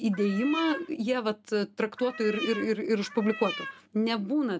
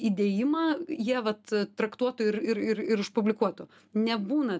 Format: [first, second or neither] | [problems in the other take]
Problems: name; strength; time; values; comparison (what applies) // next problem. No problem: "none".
second | background sound (Cat); 11 dB below the speech